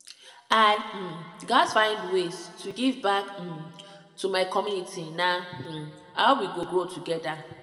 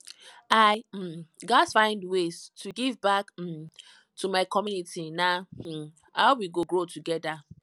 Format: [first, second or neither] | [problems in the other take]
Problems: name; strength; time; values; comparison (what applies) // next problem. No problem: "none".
second | room echo; dies away in 1.9 s